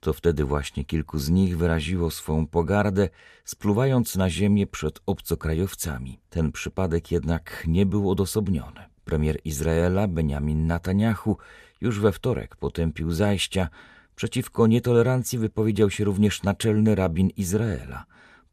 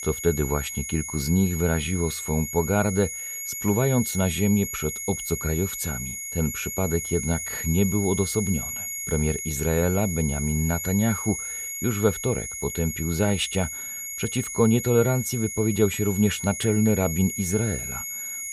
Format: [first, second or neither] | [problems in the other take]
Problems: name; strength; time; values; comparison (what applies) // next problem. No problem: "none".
first | high-pitched whine; loud; throughout; 6.5 kHz, 5 dB below the speech